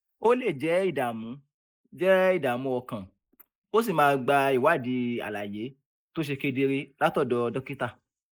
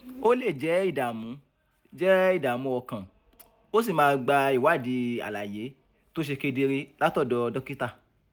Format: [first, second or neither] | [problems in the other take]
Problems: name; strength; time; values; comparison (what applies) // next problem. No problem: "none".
second | noise reduction (neural mask model Resemble Enhance denoiser)